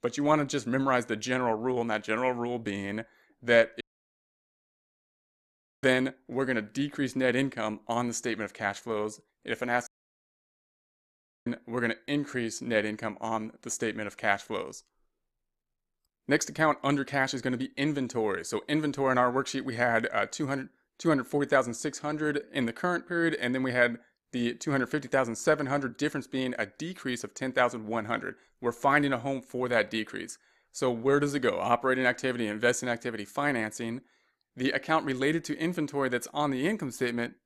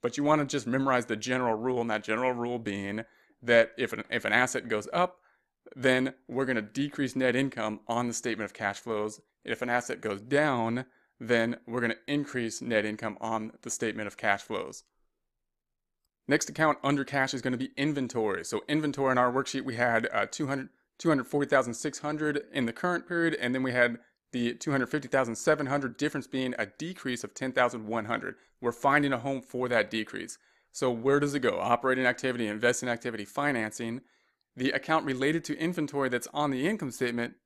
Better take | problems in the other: second | audio cutting out; at 4 s for 2 s and at 10 s for 1.5 s

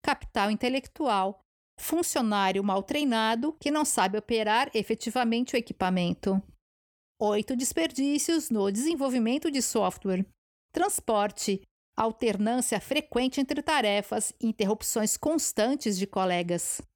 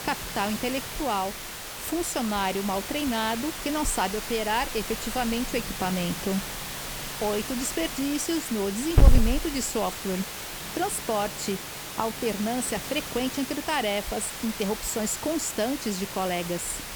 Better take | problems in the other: first | hiss; loud; throughout; 3 dB below the speech

